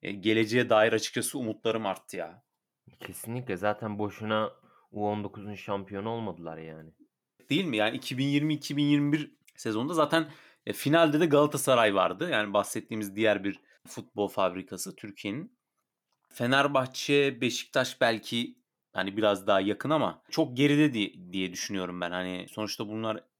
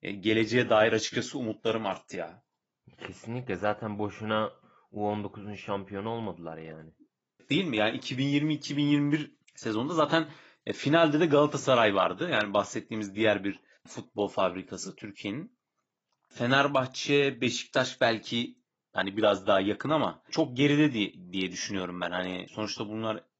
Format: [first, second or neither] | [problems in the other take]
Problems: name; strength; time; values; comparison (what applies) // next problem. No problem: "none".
first | garbled, watery; badly; nothing above 7.5 kHz